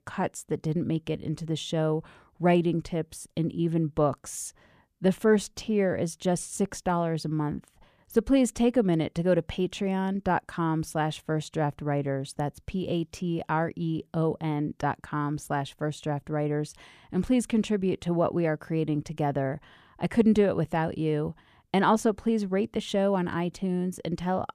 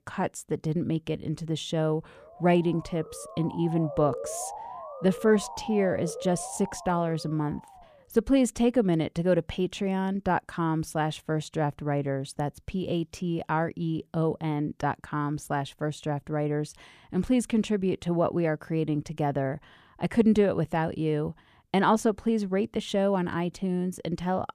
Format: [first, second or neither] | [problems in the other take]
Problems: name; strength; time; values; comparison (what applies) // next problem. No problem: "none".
first | siren; noticeable; from 2 to 8 s; peak 8 dB below the speech